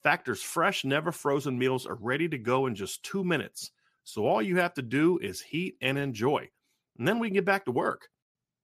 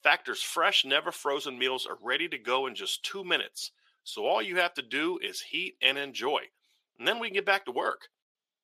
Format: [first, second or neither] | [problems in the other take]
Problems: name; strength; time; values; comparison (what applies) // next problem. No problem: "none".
first | thin; somewhat; fading below 500 Hz